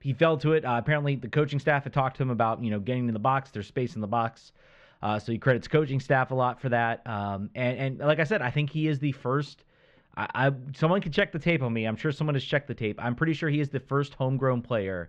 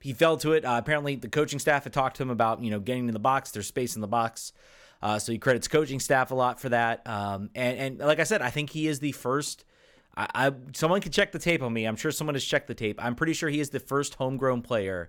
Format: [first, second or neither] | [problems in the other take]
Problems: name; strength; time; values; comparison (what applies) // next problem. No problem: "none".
second | muffled; slightly; fading above 3.5 kHz